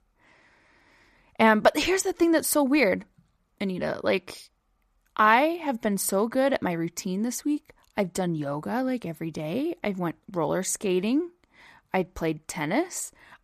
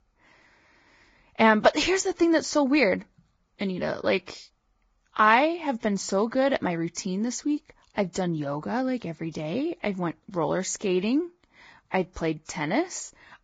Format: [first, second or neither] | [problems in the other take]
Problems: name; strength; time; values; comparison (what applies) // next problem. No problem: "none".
first | garbled, watery; badly; nothing above 7.5 kHz